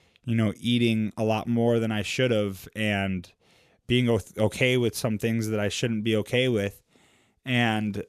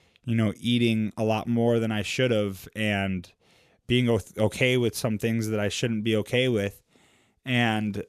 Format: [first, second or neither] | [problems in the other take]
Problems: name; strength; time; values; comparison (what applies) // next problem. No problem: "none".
neither | none